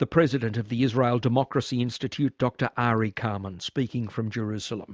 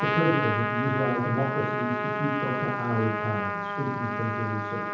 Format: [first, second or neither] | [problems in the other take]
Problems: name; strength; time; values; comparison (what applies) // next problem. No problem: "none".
first | background sound (Trumpet); 1 dB below the speech // room echo; dies away in 0.9 s